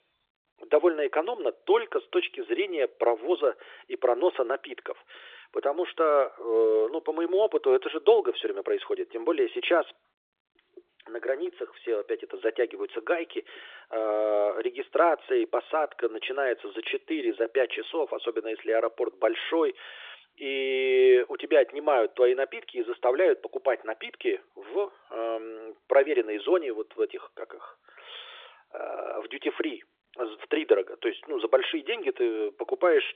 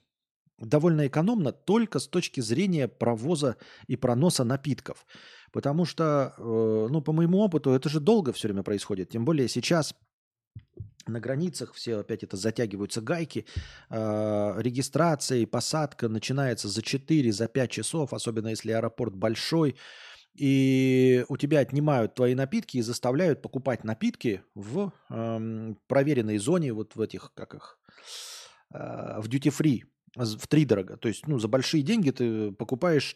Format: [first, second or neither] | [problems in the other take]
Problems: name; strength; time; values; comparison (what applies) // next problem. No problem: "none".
second | phone-call audio; nothing above 3.5 kHz